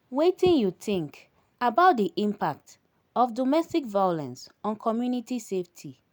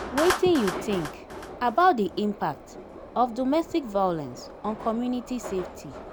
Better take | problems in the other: first | background sound (Subway, metro, underground + Clapping); 10 dB below the speech

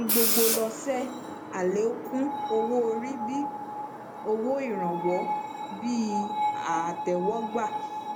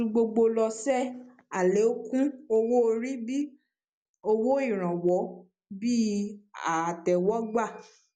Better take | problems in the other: second | background sound (Screech); 2 dB below the speech

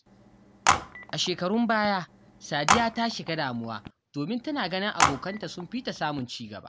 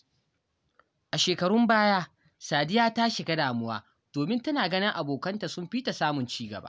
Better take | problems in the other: second | background sound (Telephone); 1 dB below the speech

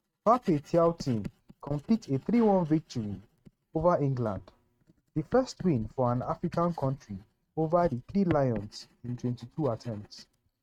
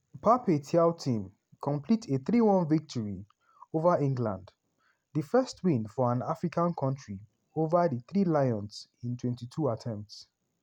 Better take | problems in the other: second | noise reduction (neural mask model RNNoise)

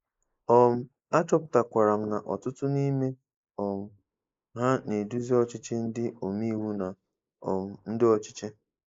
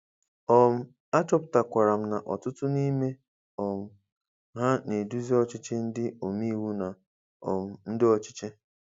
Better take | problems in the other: second | noise reduction (neural mask model Resemble Enhance denoiser)

